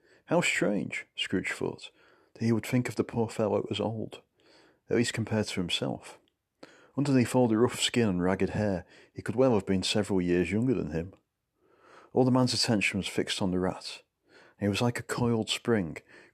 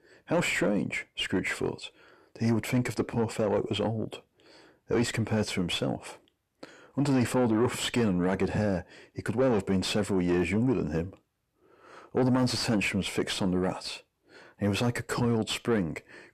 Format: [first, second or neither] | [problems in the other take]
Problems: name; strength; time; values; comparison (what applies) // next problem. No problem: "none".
first | distortion; slight; 10 dB below the speech